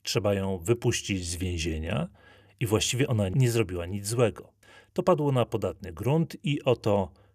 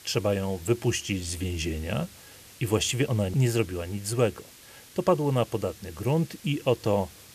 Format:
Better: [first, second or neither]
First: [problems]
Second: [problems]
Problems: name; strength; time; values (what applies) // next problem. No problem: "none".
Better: first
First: none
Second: hiss; noticeable; throughout; 20 dB below the speech